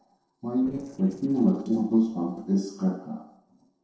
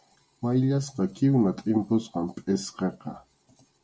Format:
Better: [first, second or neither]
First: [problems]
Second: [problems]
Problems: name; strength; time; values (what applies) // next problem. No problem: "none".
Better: second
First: noise reduction (neural separator model SepFormer DNS4)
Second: none